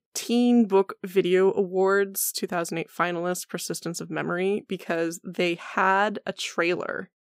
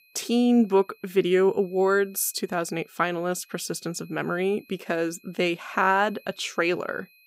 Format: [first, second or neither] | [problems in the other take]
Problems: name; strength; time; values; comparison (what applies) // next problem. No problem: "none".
first | high-pitched whine; faint; throughout; 2.5 kHz, 30 dB below the speech